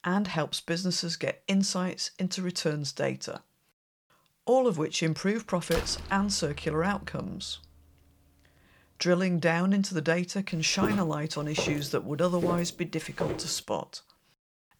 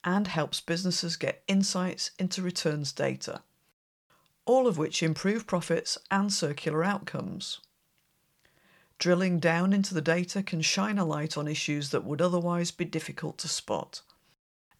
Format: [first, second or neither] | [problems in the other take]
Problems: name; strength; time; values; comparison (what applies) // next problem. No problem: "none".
second | door banging; noticeable; from 5.5 to 7 s; peak 7 dB below the speech // footsteps; noticeable; from 11 to 13 s; peak 4 dB below the speech